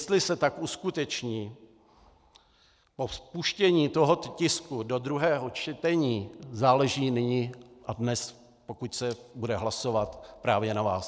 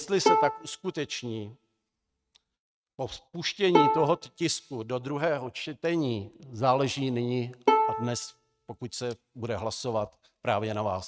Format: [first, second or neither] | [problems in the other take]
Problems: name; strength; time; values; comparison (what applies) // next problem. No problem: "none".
first | noise reduction (neural mask model RNNoise)